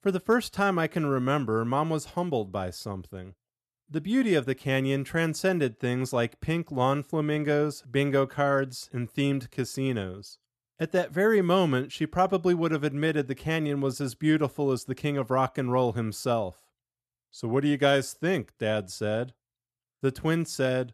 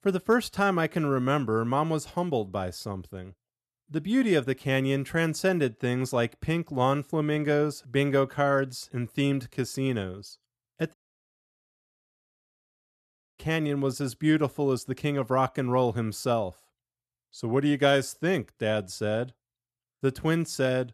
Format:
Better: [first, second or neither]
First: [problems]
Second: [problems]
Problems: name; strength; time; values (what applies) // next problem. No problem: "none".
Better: first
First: none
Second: audio cutting out; at 11 s for 2.5 s